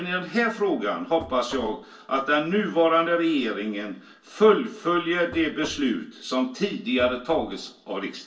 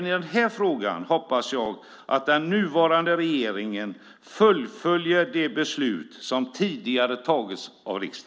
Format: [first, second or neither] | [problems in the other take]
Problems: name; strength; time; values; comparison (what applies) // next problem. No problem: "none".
second | background sound (Knock); 19 dB below the speech // room echo; dies away in 0.3 s